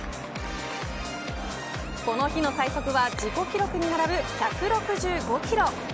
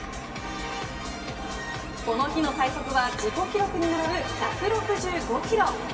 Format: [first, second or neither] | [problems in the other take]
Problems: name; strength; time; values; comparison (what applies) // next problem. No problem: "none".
first | room echo; dies away in 2.2 s